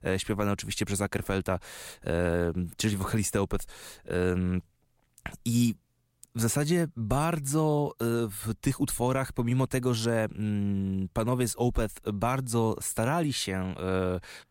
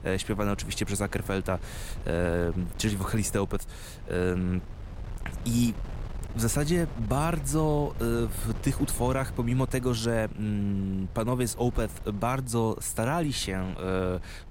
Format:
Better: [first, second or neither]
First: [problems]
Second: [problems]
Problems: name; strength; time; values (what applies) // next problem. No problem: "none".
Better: first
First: none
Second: wind noise on the microphone; occasional gusts; 15 dB below the speech